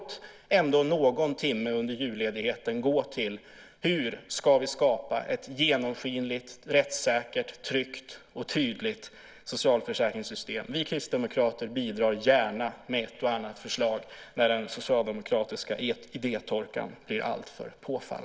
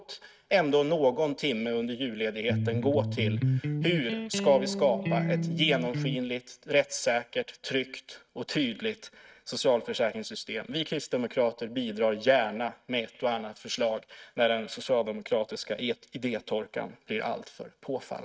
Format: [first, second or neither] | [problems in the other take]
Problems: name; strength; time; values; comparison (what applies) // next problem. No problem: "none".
first | noise reduction (neural mask model RNNoise)